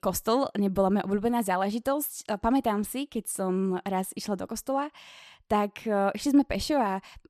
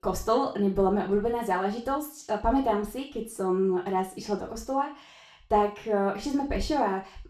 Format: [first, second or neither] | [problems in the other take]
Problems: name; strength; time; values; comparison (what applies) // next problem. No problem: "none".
first | room echo; slight; dies away in 0.4 s // off-mic speech; far